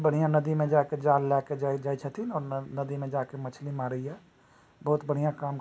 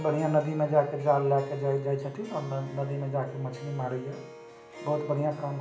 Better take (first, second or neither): first